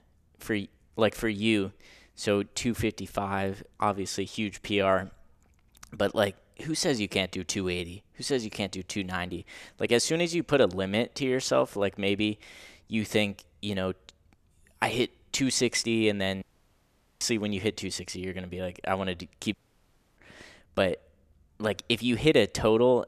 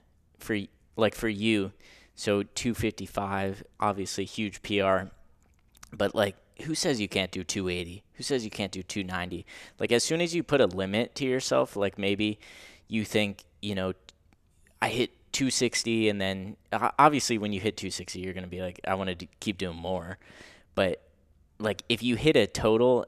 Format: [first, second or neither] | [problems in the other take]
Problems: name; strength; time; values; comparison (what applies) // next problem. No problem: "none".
second | audio cutting out; at 16 s for 1 s and at 20 s for 0.5 s